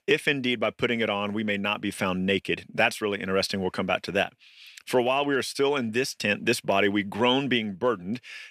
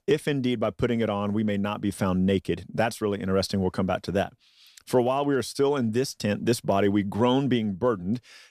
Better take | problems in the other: second | thin; very slightly; fading below 250 Hz

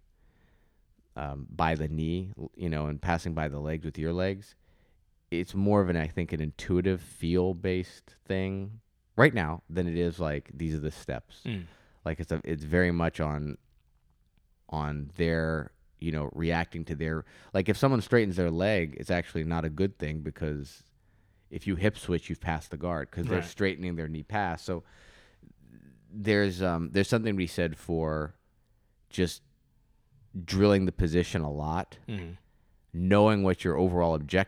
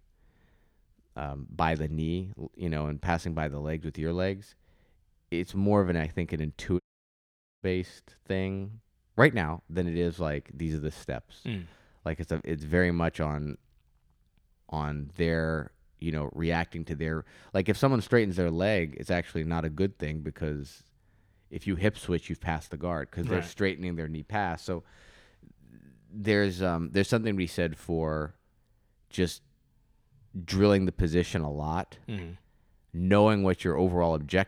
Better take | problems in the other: first | audio cutting out; at 7 s for 1 s

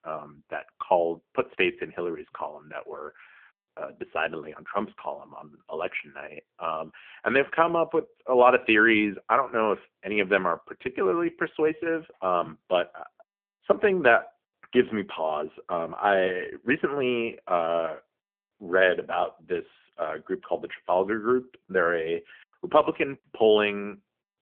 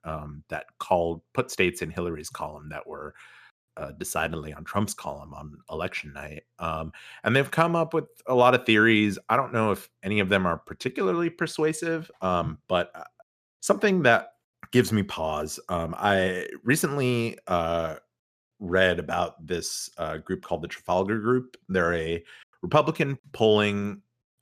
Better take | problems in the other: second | phone-call audio; poor line; nothing above 3 kHz

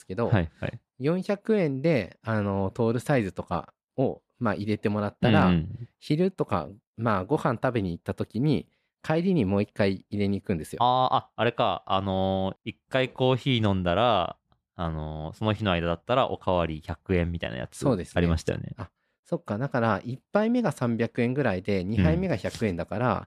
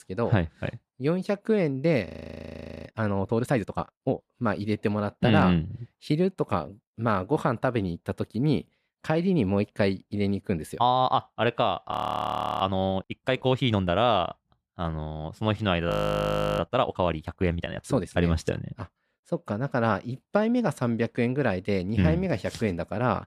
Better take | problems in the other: first | audio freezing; at 2 s for 1 s, at 12 s for 0.5 s and at 16 s for 0.5 s

